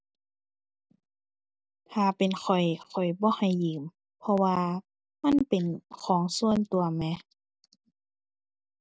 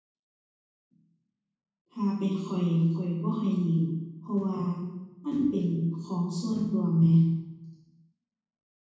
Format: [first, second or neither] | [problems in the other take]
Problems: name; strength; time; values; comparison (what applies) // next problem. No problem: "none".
first | room echo; dies away in 1.1 s